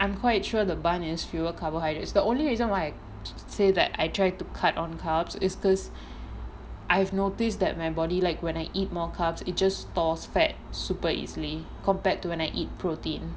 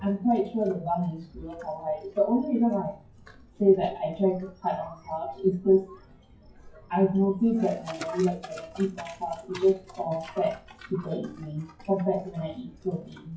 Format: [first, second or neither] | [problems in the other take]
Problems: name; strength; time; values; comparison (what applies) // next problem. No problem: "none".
first | noise reduction (classical method WPE with log-MMSE)